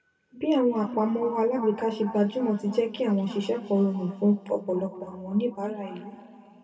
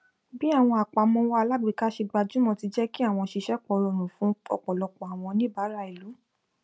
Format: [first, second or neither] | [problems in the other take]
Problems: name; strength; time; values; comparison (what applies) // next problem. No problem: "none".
second | room echo; dies away in 2.4 s